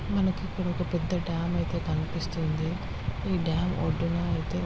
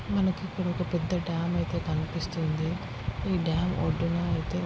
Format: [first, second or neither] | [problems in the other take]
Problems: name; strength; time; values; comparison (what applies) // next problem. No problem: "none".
second | background sound (Thunder); 8 dB below the speech